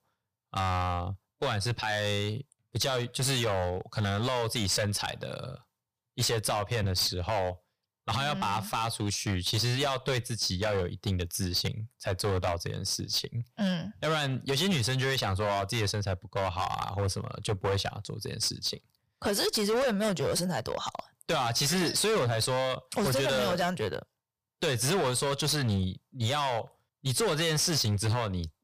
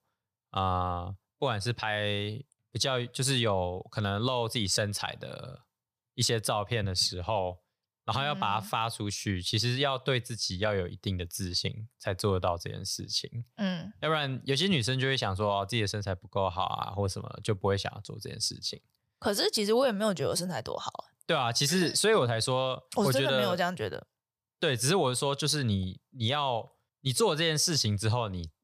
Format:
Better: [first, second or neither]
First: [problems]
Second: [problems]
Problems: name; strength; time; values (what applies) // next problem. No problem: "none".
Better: second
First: distortion; heavy; 14% of the sound clipped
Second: none